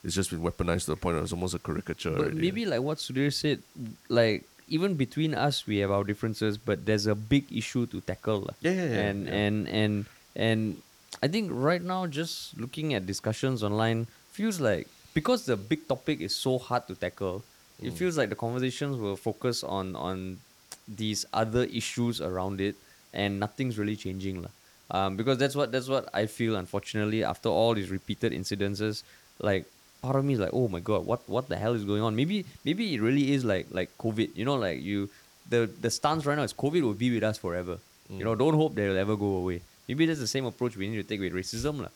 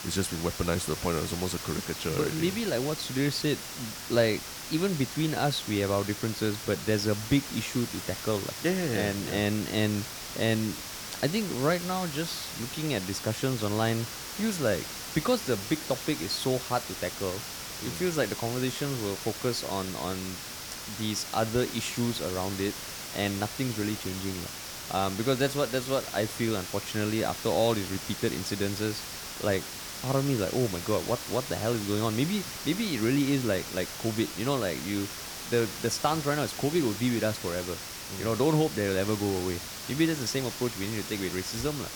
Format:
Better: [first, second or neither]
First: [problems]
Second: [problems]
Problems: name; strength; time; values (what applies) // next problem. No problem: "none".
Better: first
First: hiss; faint; throughout; 25 dB below the speech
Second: hiss; loud; throughout; 7 dB below the speech